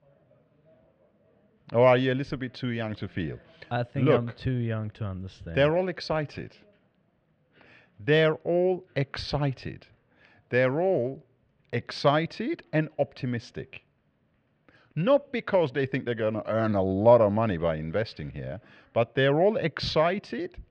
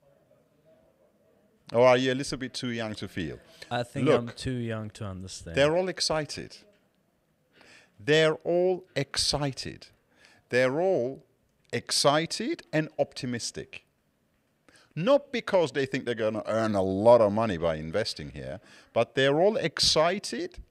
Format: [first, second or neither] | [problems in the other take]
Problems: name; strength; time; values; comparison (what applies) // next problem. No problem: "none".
second | muffled; slightly; fading above 3 kHz